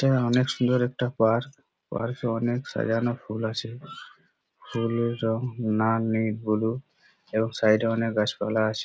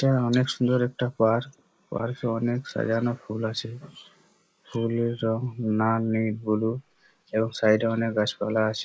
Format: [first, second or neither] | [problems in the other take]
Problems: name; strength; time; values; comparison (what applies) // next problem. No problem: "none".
first | noise reduction (neural mask model Resemble Enhance denoiser)